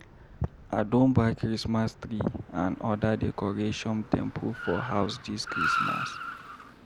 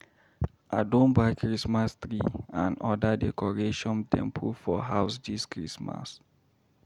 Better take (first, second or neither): second